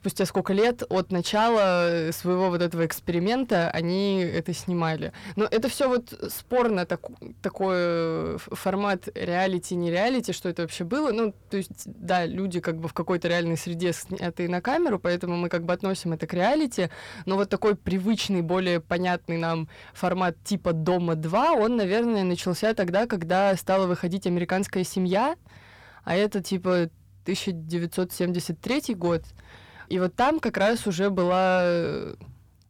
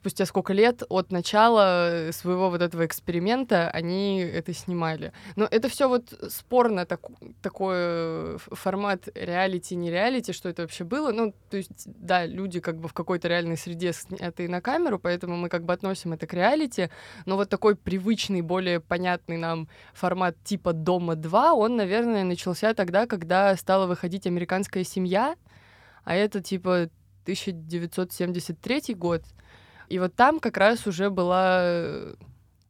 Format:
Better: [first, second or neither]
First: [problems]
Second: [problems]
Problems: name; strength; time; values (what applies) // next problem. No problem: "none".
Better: second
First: distortion; slight; 10 dB below the speech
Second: none